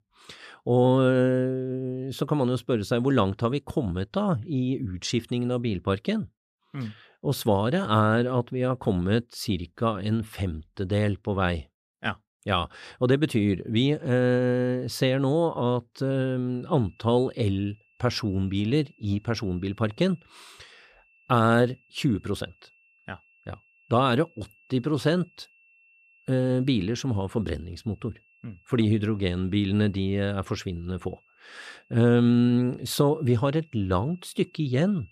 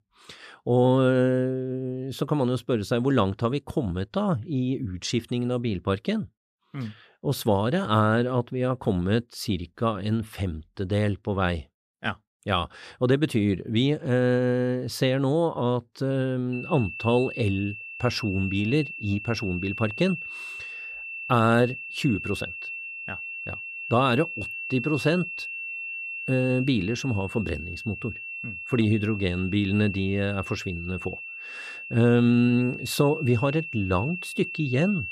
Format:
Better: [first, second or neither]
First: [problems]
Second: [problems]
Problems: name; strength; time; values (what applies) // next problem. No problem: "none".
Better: first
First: high-pitched whine; faint; from 17 s on; 2.5 kHz, 35 dB below the speech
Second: high-pitched whine; loud; from 17 s on; 2.5 kHz, 8 dB below the speech